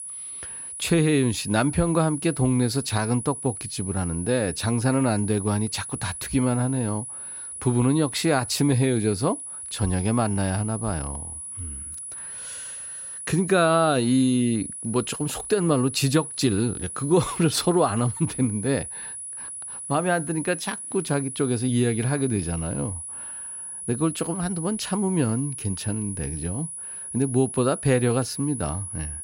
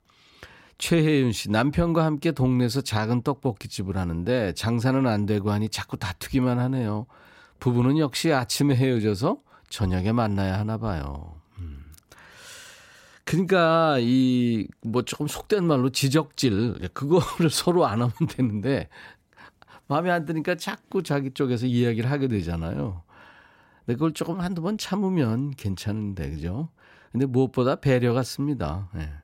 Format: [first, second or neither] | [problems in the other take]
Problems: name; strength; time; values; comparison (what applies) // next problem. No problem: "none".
second | high-pitched whine; loud; throughout; 10.5 kHz, 8 dB below the speech